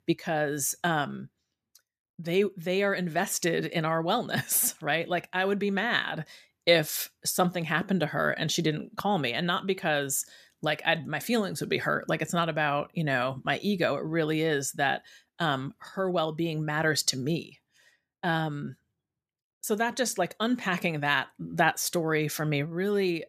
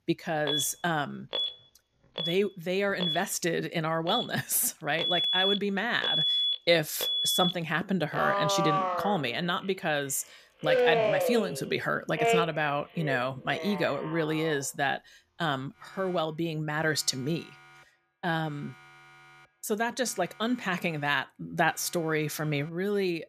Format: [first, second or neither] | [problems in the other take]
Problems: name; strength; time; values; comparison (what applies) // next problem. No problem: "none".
first | alarms or sirens; very loud; throughout; as loud as the speech